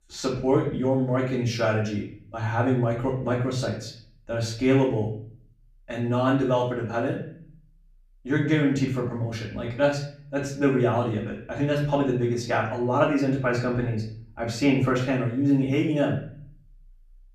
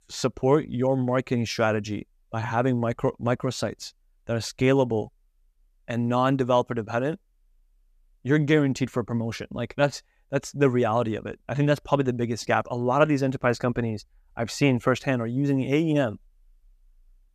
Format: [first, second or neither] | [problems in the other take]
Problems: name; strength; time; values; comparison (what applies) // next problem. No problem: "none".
second | off-mic speech; far // room echo; slight; dies away in 0.5 s